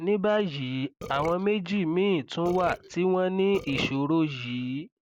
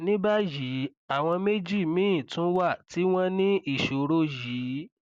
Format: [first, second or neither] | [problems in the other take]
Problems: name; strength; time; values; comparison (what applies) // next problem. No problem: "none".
second | background sound (Burping, eructation); 13 dB below the speech